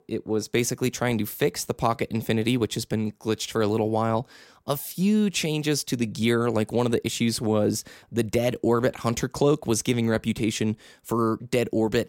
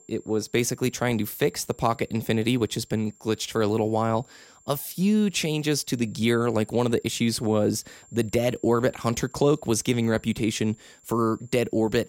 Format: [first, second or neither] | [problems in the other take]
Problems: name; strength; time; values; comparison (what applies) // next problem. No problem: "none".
first | high-pitched whine; faint; throughout; 7.5 kHz, 30 dB below the speech